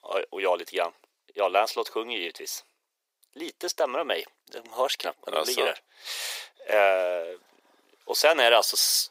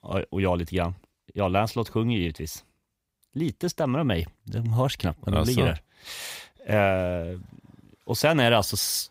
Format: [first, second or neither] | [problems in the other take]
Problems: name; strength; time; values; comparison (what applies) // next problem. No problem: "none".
second | thin; very; fading below 400 Hz